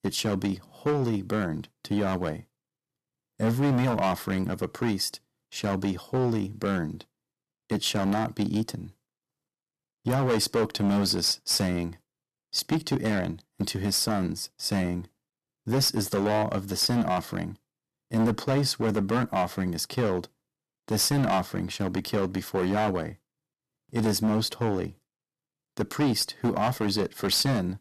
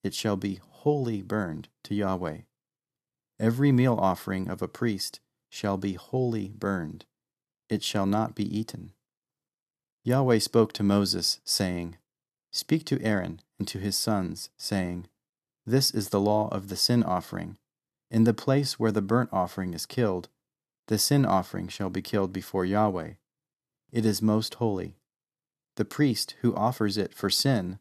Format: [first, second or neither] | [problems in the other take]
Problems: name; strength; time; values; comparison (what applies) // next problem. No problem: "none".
second | distortion; heavy; 9% of the sound clipped